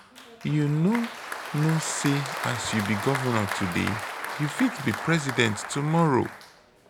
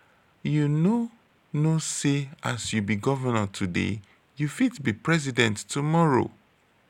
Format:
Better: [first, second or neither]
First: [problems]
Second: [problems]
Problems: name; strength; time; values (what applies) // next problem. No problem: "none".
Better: second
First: background sound (Applause); 8 dB below the speech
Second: none